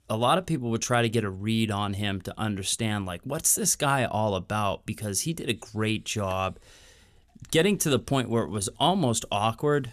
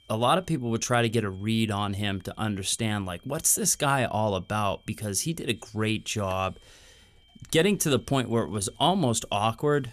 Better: first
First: none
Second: high-pitched whine; faint; throughout; 3 kHz, 35 dB below the speech

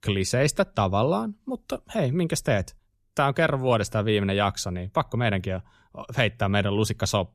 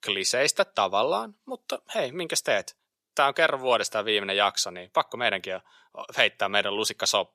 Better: first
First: none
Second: thin; very; fading below 500 Hz

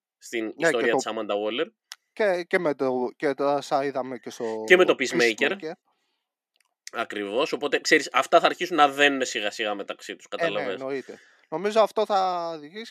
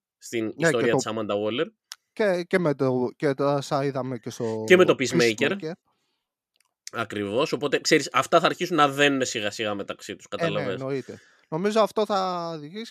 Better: second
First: thin; very slightly; fading below 300 Hz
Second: none

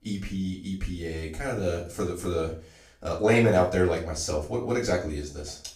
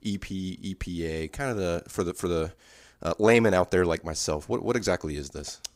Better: second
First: off-mic speech; far // room echo; slight; dies away in 0.3 s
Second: none

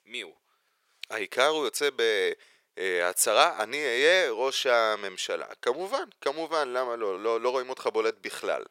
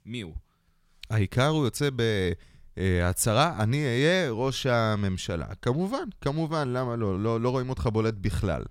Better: second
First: thin; very; fading below 450 Hz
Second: none

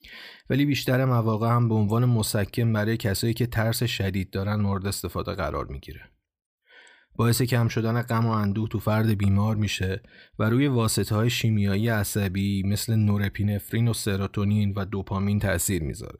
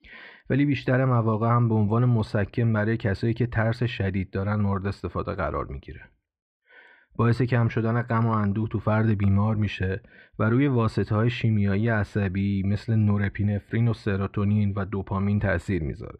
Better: first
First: none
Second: muffled; very; fading above 2 kHz

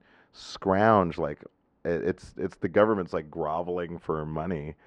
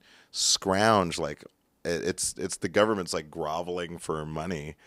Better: second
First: muffled; very; fading above 1.5 kHz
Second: none

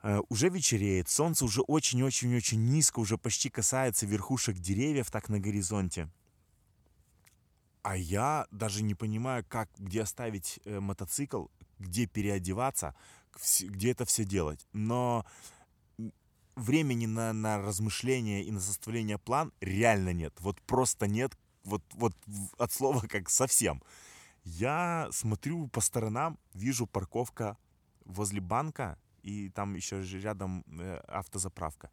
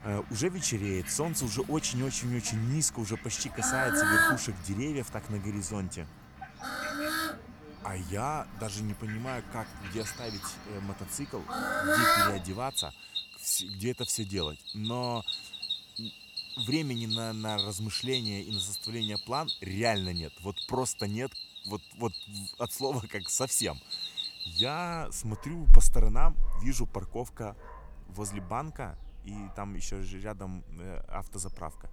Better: first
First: none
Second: animal sounds; very loud; throughout; 1 dB above the speech

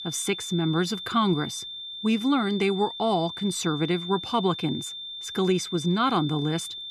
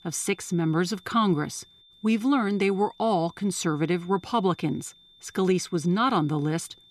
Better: second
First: high-pitched whine; loud; throughout; 3.5 kHz, 8 dB below the speech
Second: high-pitched whine; faint; throughout; 3.5 kHz, 25 dB below the speech

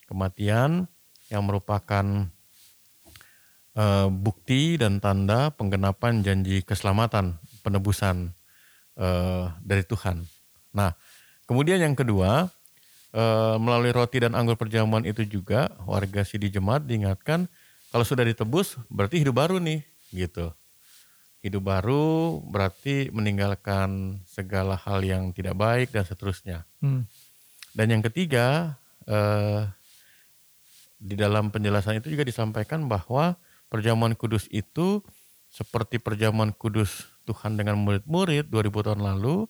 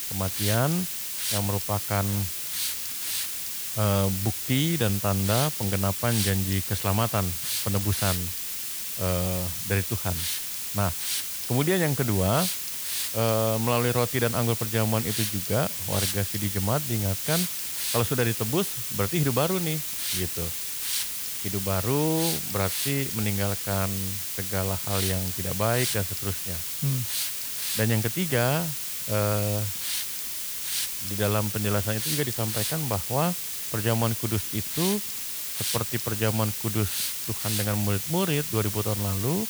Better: first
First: hiss; faint; throughout; 30 dB below the speech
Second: hiss; loud; throughout; as loud as the speech

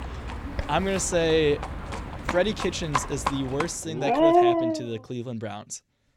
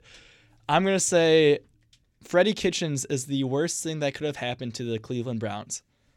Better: second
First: animal sounds; very loud; until 4.5 s; as loud as the speech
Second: none

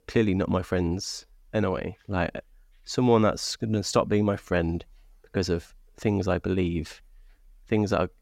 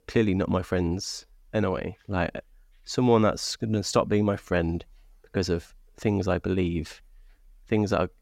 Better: neither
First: none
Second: none

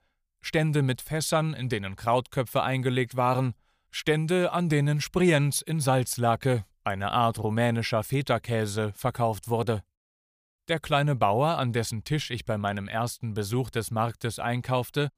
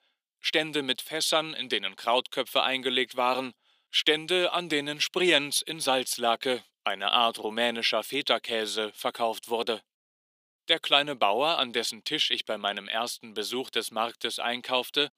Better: first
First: none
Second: thin; somewhat; fading below 250 Hz

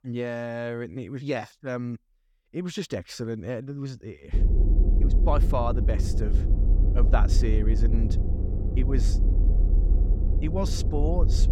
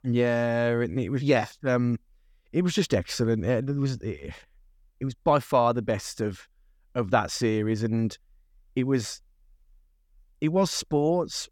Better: second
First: low rumble; loud; from 4.5 s on; 7 dB below the speech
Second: none

